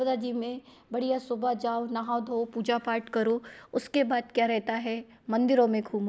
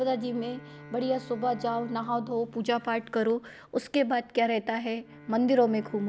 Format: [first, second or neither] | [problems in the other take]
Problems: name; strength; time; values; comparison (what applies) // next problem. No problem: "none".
first | background sound (Bowed string instrument); 20 dB below the speech